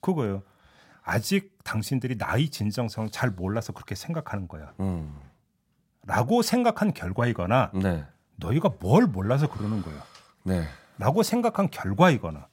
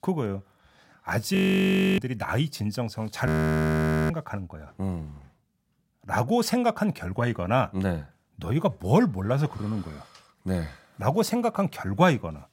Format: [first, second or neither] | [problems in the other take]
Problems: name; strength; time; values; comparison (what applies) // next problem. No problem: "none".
first | audio freezing; at 1.5 s for 0.5 s and at 3.5 s for 1 s